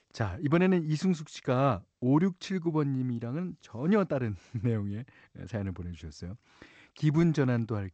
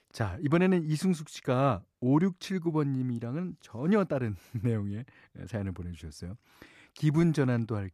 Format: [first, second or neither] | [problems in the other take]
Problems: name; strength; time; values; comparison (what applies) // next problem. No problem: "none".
second | garbled, watery; slightly; nothing above 8 kHz